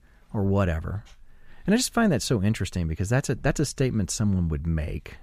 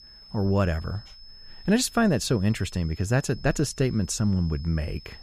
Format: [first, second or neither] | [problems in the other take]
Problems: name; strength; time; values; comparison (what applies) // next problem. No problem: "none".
first | high-pitched whine; faint; throughout; 5 kHz, 20 dB below the speech